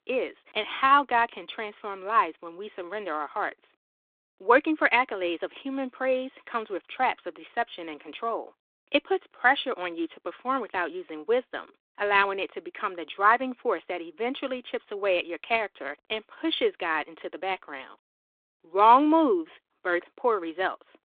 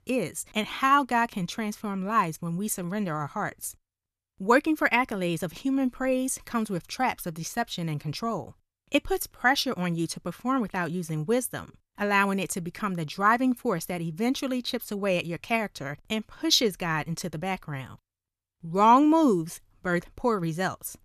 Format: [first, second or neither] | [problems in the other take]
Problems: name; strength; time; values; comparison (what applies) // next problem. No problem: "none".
second | phone-call audio